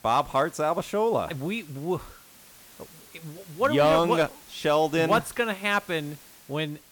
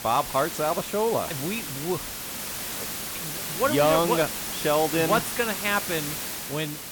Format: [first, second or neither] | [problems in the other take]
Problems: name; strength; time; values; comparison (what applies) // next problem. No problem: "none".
first | hiss; loud; throughout; 5 dB below the speech; faint in the first